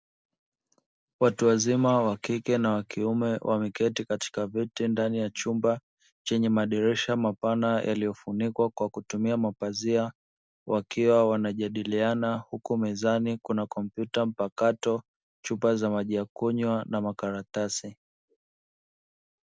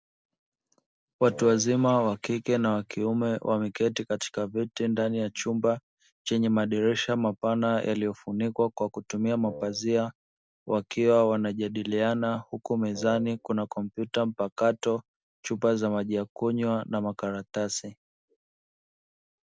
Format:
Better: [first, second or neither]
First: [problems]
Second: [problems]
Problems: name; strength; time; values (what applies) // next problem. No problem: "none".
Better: first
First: none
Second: background sound (Wind instrument, woodwind instrument); 15 dB below the speech